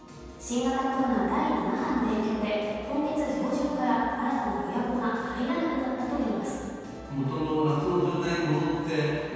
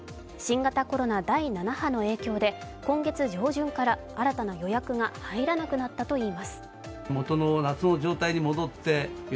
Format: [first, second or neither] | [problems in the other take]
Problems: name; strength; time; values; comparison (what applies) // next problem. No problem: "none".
second | room echo; dies away in 2.1 s